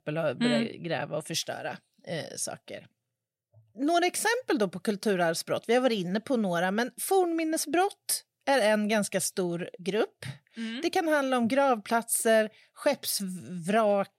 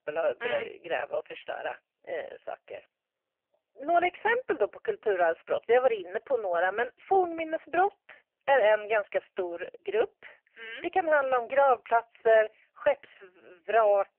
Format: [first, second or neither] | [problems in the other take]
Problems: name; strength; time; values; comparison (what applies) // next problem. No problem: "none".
first | phone-call audio; poor line; nothing above 3 kHz